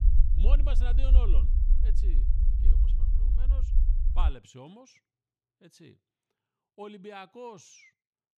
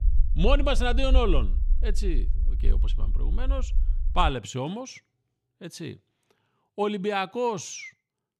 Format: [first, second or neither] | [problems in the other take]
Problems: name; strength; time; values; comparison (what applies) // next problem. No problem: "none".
second | low rumble; loud; until 4.5 s; 6 dB below the speech; faint in the second